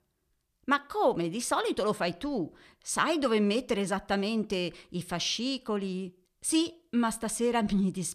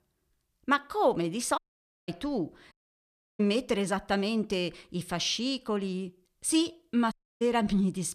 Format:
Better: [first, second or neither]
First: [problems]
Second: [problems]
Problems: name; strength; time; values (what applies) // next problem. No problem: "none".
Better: first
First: none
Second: audio cutting out; at 1.5 s for 0.5 s, at 2.5 s for 0.5 s and at 7 s